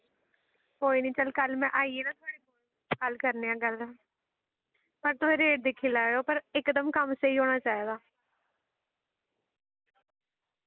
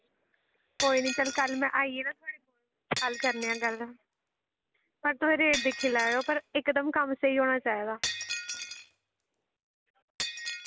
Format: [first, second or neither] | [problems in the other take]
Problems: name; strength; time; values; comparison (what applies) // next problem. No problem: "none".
first | background sound (Shatter); 9 dB below the speech